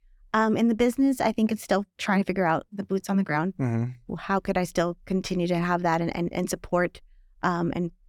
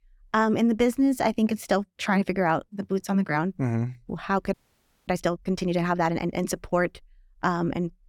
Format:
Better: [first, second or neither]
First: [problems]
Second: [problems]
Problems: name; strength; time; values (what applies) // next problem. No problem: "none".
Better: first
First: none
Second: audio freezing; at 4.5 s for 0.5 s